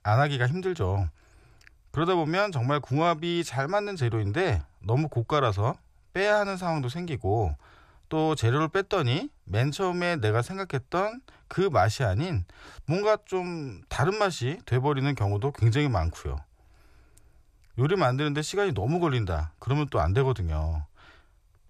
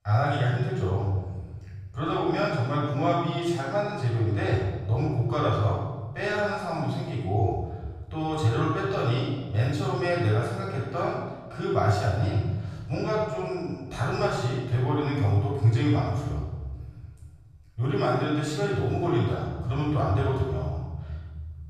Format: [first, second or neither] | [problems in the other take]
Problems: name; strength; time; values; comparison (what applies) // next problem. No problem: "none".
first | room echo; strong; dies away in 1.3 s // off-mic speech; far